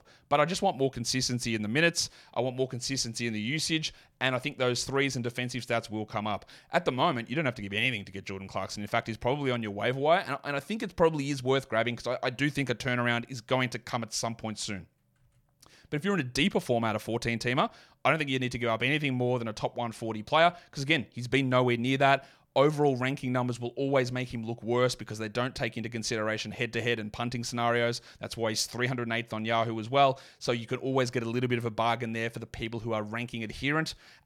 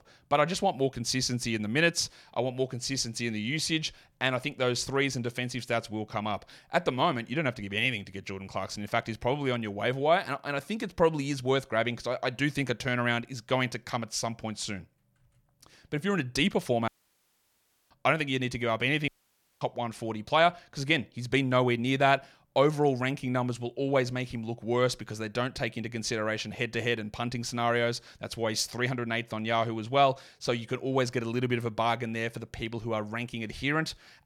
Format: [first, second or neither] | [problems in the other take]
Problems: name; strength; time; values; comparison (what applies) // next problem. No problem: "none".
first | audio cutting out; at 17 s for 1 s and at 19 s for 0.5 s